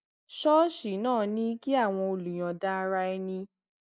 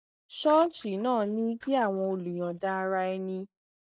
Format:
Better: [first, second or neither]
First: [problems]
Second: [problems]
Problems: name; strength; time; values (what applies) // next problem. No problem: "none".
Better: first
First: none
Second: noise reduction (neural mask model DeepFilterNet 3)